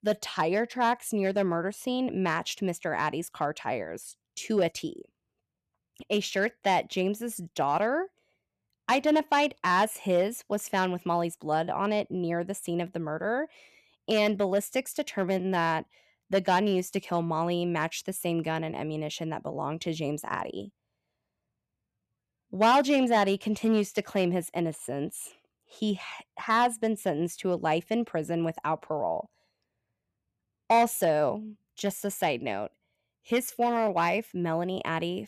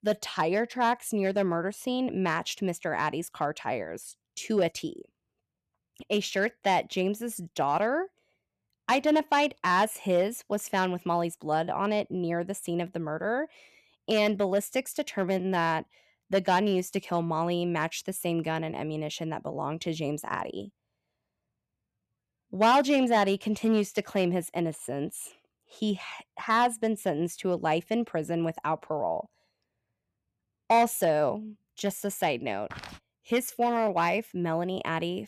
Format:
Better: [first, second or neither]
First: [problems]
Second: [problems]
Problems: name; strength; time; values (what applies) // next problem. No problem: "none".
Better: first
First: none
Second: footsteps; faint; at 33 s; peak 15 dB below the speech